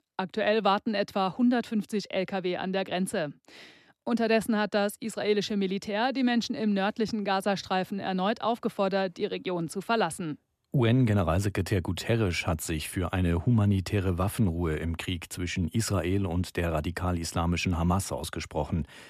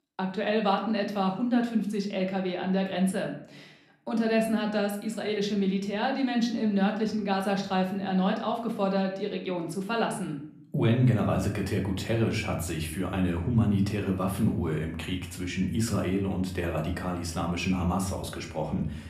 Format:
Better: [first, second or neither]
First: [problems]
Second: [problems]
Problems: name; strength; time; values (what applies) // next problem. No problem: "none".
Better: first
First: none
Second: room echo; slight; dies away in 0.5 s // off-mic speech; somewhat distant